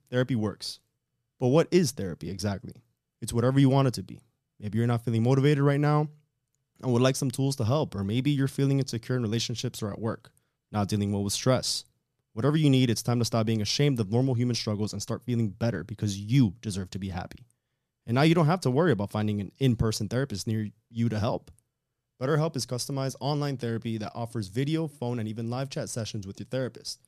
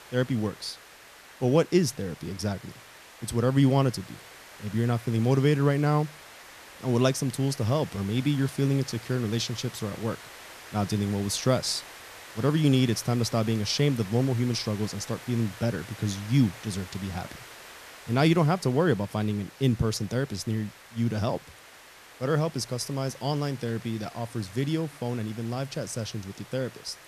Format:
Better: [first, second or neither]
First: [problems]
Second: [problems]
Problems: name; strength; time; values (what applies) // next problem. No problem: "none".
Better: first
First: none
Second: hiss; noticeable; throughout; 20 dB below the speech